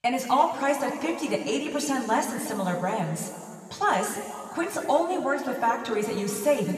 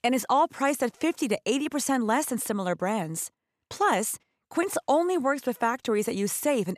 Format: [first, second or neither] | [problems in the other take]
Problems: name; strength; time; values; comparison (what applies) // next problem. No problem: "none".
second | room echo; noticeable; dies away in 2.4 s // off-mic speech; somewhat distant